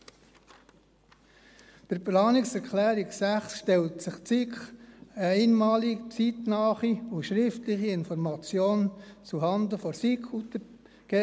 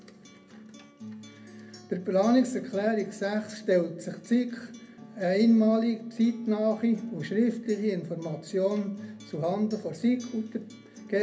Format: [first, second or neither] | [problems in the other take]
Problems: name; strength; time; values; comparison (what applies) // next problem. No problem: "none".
first | background sound (Acoustic guitar); 20 dB below the speech // room echo; dies away in 0.3 s